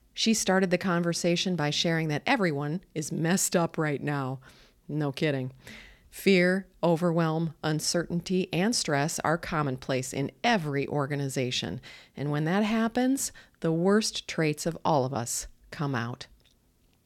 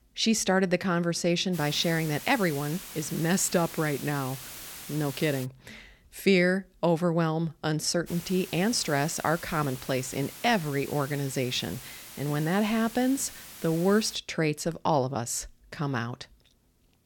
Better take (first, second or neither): first